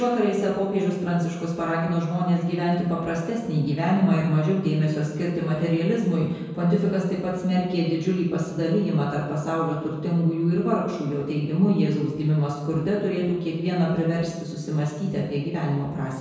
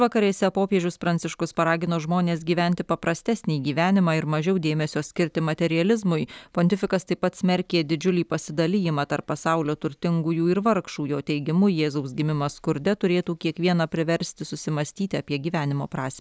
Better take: second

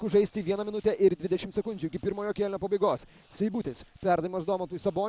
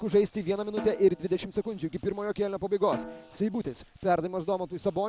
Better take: first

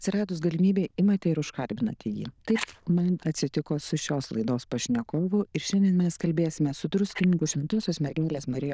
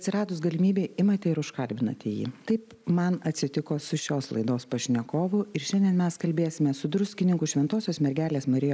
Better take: second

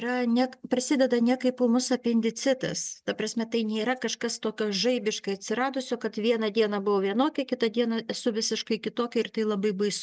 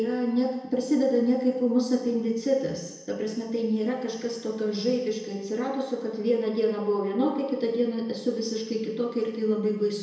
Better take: first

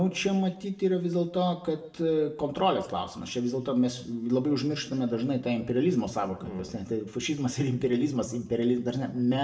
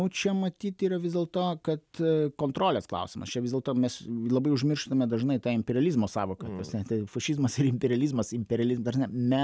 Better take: second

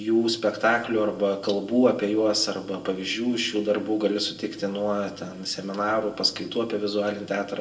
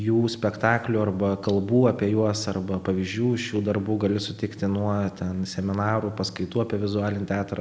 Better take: second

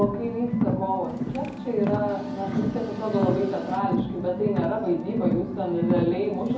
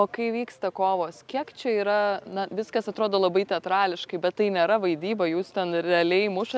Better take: second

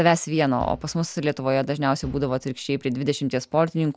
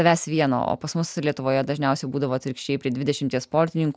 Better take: second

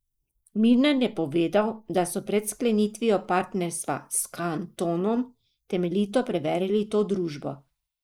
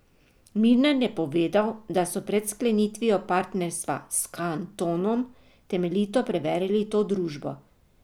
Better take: second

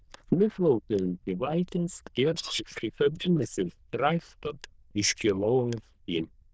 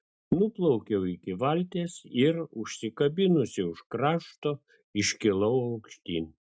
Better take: second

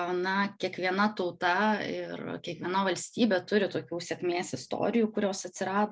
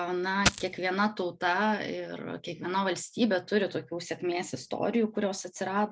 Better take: first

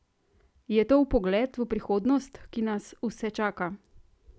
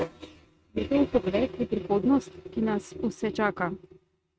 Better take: first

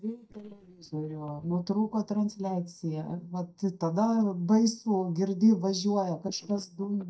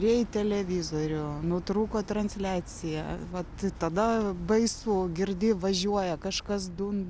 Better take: second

